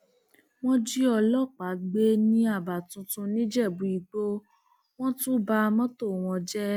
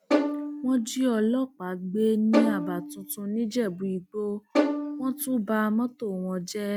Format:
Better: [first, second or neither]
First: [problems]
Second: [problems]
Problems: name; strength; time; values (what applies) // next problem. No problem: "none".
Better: first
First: none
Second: background sound (Bowed string instrument); 4 dB below the speech